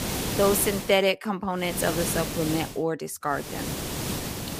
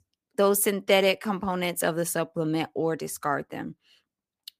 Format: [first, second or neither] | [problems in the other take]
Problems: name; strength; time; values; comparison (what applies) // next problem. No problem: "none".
second | hiss; loud; at the start, at 1.5 s and from 3.5 s on; 5 dB below the speech